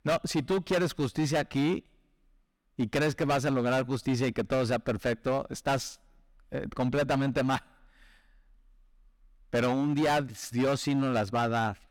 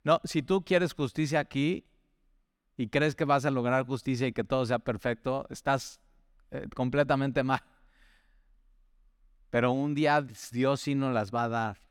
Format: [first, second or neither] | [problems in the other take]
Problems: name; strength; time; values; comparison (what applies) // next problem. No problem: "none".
second | distortion; heavy; 12% of the sound clipped